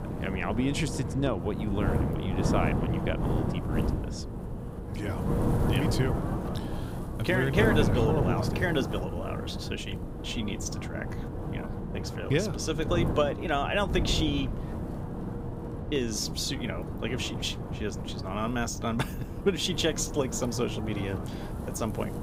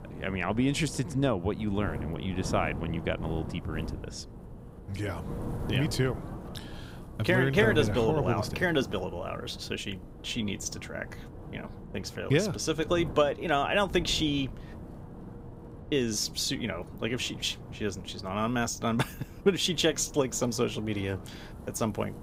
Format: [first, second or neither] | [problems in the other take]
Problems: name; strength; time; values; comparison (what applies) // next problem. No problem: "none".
second | wind noise on the microphone; heavy; 6 dB below the speech; occasional gusts in the second